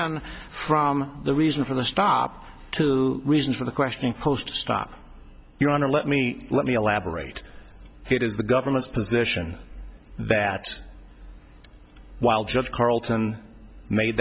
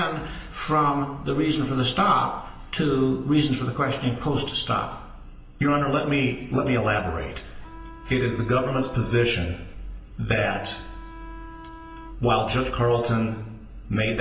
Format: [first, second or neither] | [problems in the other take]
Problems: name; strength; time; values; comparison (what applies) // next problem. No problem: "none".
first | background sound (Bowed string instrument); 19 dB below the speech // room echo; dies away in 0.9 s